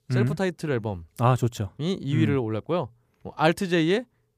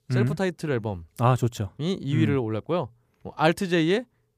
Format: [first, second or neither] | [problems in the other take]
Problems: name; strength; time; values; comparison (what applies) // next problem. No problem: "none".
neither | none